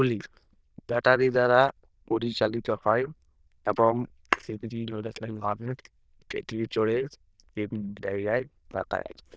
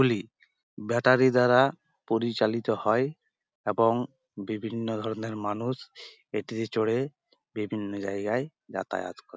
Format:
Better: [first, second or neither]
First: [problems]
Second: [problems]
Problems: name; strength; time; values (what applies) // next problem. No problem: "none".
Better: second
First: noise reduction (neural diffusion model UNIVERSE++)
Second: none